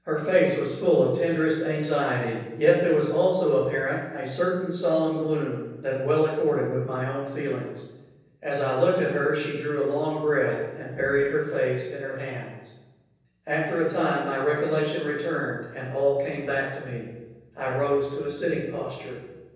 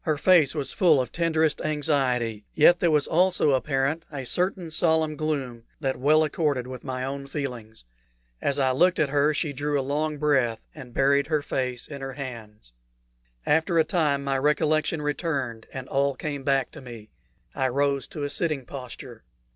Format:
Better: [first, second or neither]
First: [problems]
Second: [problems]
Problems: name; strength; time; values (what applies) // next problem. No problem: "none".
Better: second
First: room echo; dies away in 1.1 s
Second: none